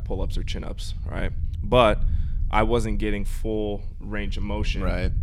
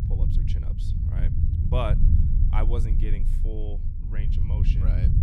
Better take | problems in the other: first | low rumble; loud; throughout; 4 dB below the speech; faint in the first

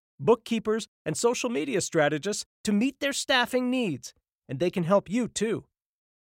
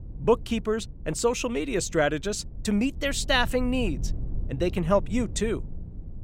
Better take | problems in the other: first | low rumble; faint; throughout; 25 dB below the speech

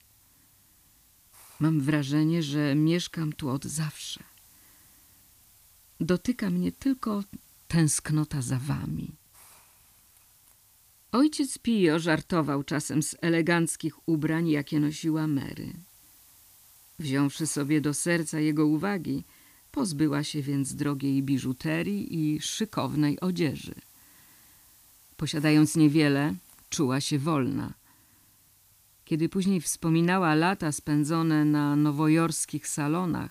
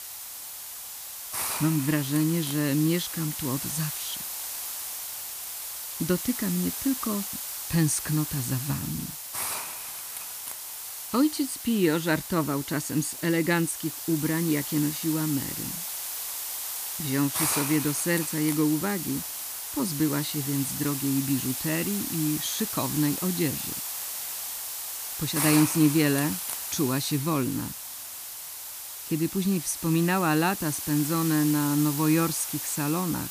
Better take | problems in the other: first | hiss; loud; throughout; 4 dB below the speech; faint in the first

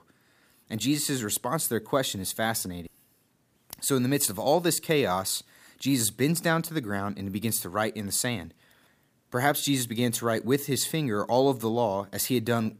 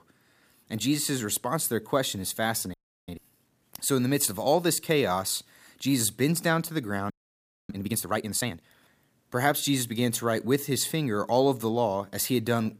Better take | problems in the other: first | audio freezing; at 2.5 s and at 7 s for 0.5 s

